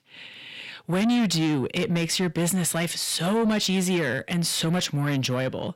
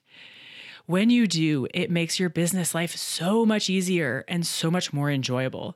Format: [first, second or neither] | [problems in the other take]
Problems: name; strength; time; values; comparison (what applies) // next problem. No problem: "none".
second | distortion; slight; 10 dB below the speech